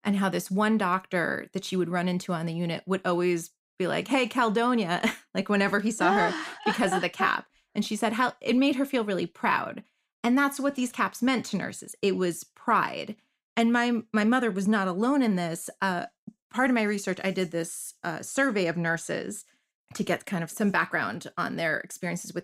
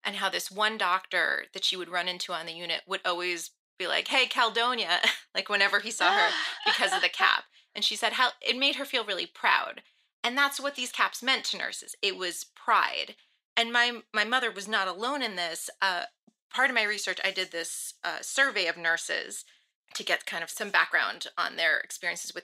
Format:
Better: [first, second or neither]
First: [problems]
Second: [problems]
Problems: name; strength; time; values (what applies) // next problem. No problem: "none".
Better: first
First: none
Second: thin; very; fading below 600 Hz